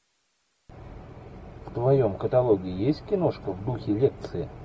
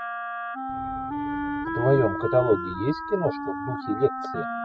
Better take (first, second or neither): first